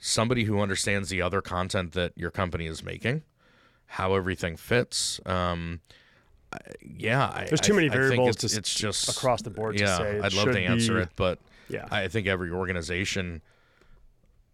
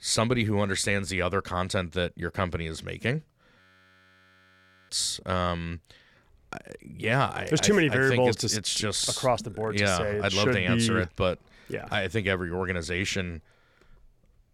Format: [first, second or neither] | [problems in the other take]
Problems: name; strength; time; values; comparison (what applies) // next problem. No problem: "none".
first | audio freezing; at 3.5 s for 1.5 s